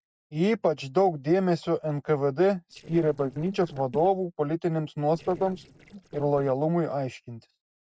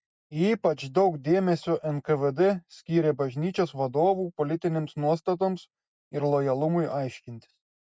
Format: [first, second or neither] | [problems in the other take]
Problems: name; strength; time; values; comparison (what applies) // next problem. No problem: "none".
second | noise reduction (neural separator model SepFormer DNS4)